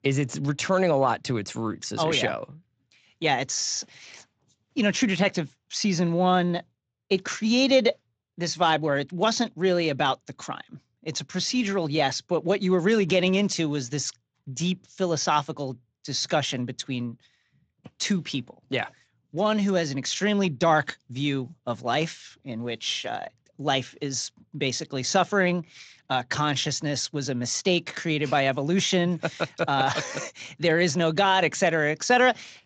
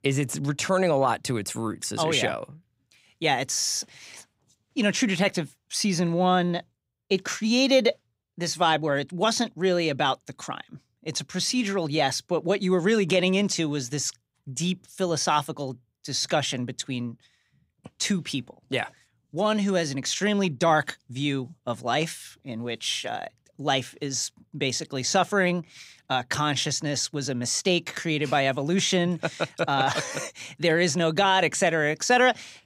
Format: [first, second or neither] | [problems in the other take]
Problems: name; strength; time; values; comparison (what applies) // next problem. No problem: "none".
second | garbled, watery; slightly; nothing above 7.5 kHz